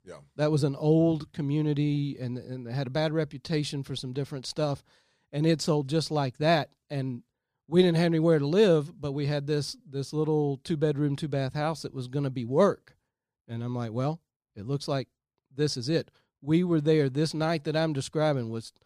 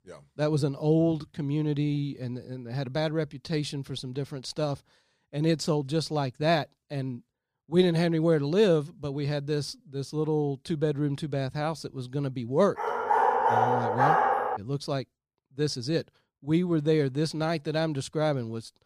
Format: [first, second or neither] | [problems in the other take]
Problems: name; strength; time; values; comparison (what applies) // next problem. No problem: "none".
first | dog barking; loud; from 13 to 15 s; peak 6 dB above the speech